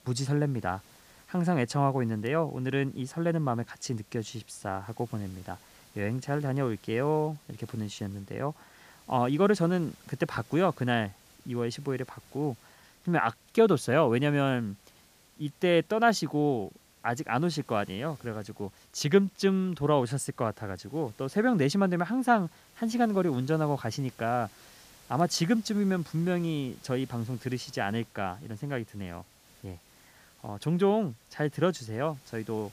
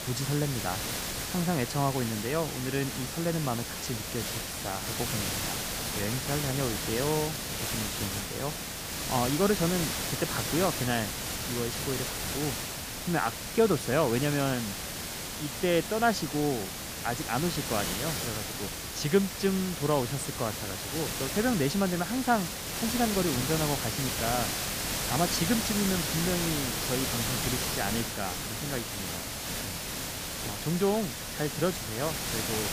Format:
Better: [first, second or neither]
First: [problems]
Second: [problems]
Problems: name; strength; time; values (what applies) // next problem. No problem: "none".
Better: first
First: hiss; faint; throughout; 25 dB below the speech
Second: hiss; loud; throughout; 1 dB below the speech